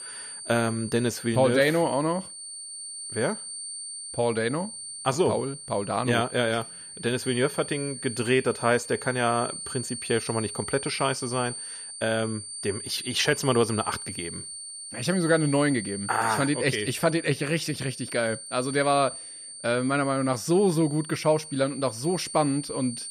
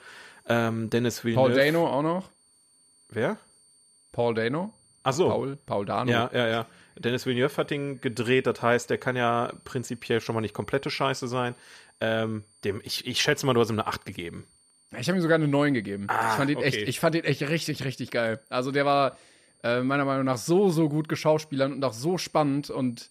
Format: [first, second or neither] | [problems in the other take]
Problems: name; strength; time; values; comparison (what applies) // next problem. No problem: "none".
second | high-pitched whine; loud; throughout; 9 kHz, 9 dB below the speech; faint in the second